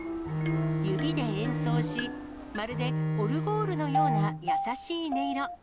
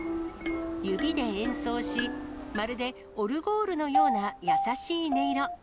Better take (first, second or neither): second